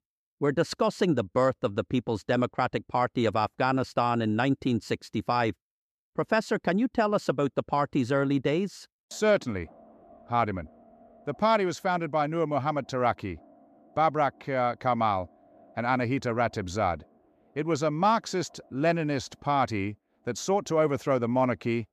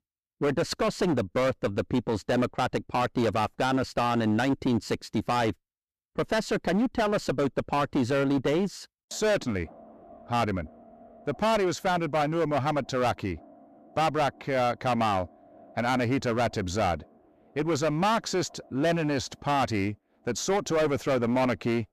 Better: first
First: none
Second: distortion; heavy; 15% of the sound clipped

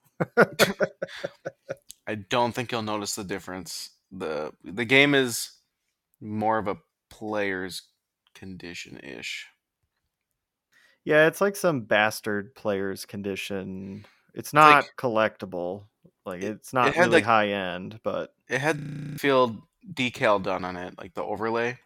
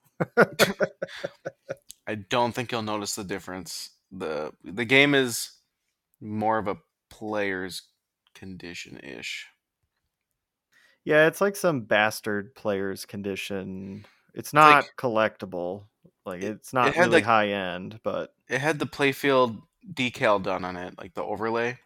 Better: second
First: audio freezing; at 19 s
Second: none

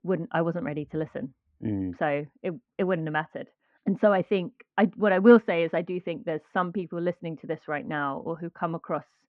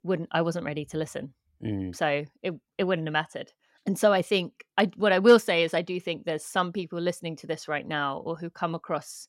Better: second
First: muffled; very; fading above 2 kHz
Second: none

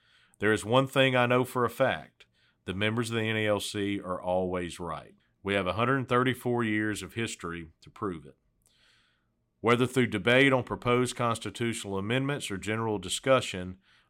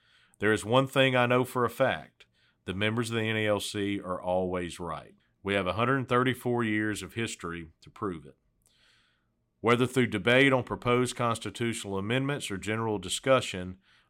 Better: neither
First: none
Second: none

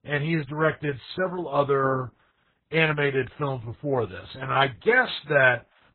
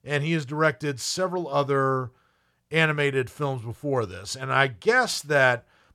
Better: second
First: garbled, watery; badly; nothing above 4 kHz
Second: none

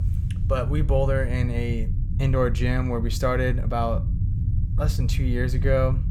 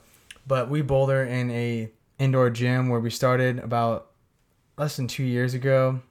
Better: second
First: low rumble; noticeable; throughout; 15 dB below the speech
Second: none

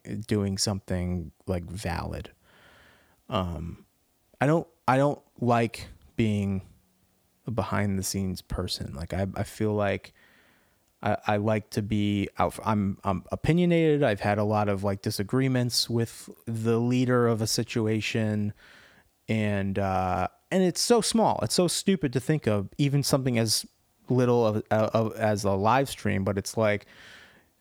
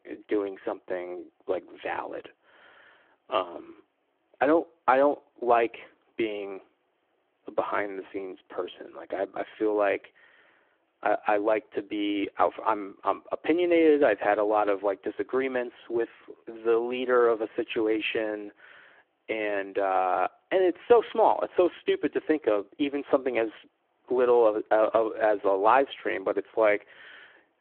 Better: first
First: none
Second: phone-call audio

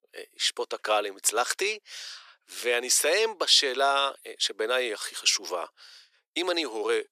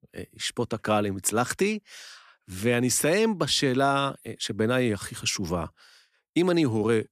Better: second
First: thin; very; fading below 400 Hz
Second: none

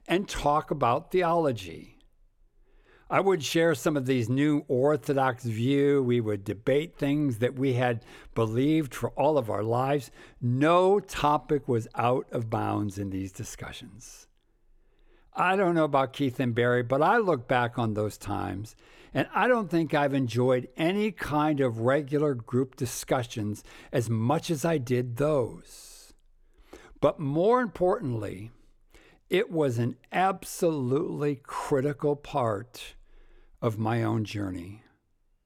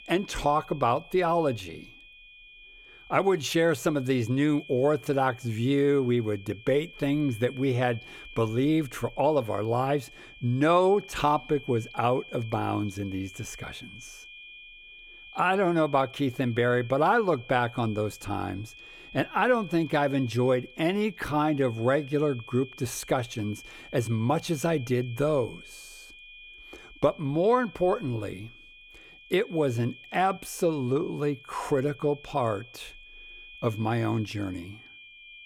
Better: first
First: none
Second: high-pitched whine; noticeable; throughout; 2.5 kHz, 20 dB below the speech

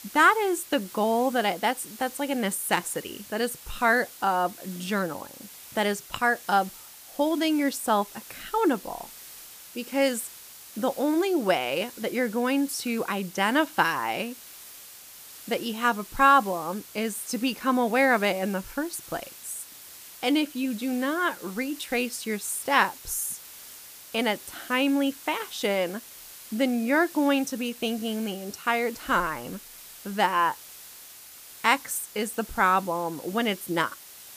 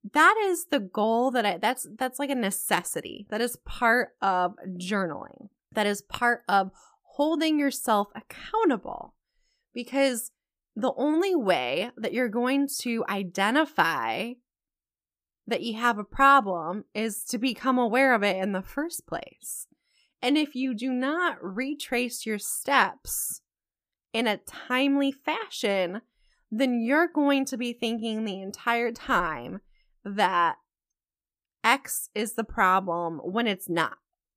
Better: second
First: hiss; noticeable; throughout; 15 dB below the speech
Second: none

